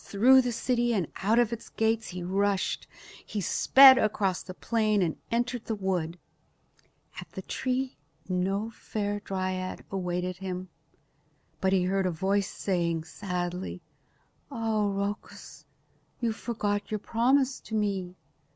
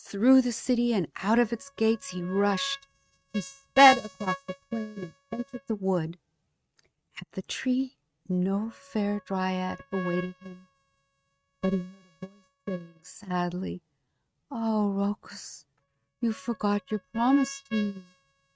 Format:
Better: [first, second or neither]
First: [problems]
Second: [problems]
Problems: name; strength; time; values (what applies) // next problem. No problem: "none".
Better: first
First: none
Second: noise reduction (neural mask model RNNoise)